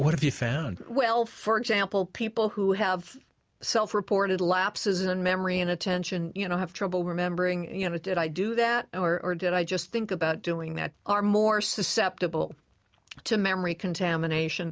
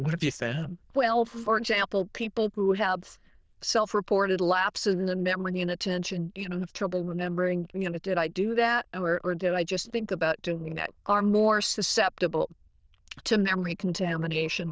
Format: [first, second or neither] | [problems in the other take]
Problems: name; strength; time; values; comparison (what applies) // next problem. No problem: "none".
first | noise reduction (neural diffusion model UNIVERSE++)